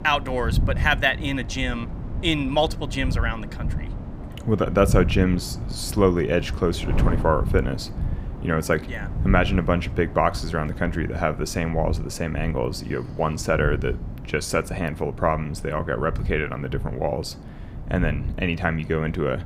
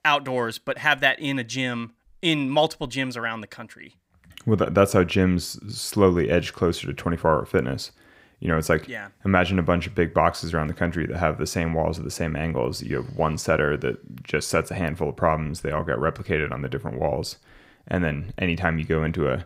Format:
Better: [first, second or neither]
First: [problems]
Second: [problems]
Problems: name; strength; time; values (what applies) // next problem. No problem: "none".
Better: second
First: wind noise on the microphone; occasional gusts; 15 dB below the speech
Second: none